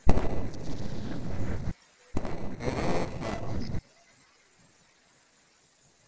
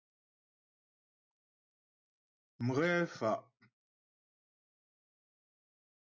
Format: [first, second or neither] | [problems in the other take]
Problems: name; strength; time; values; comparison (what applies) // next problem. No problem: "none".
second | noise reduction (neural separator model SepFormer DNS4)